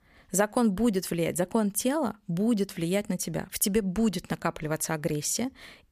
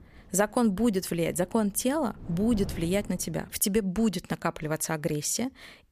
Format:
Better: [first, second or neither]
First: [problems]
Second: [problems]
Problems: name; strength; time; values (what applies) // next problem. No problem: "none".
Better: first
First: none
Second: wind noise on the microphone; occasional gusts; until 3.5 s; 20 dB below the speech